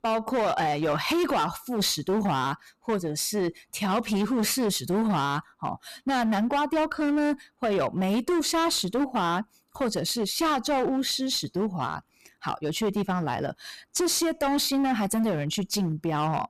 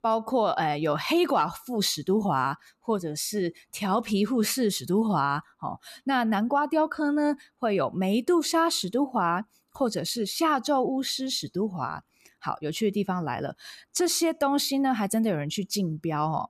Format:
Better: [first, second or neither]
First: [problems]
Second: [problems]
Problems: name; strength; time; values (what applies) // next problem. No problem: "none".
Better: second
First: distortion; slight; 16% of the sound clipped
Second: none